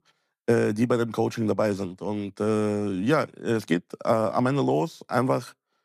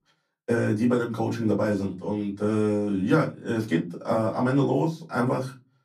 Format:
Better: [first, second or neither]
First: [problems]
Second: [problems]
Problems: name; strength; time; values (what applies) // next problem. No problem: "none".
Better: first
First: none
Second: off-mic speech; far // room echo; very slight; dies away in 0.3 s